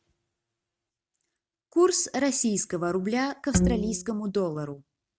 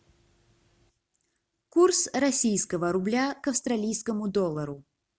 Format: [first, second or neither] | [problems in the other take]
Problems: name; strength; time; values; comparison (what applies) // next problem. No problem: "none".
second | noise reduction (neural mask model RNNoise)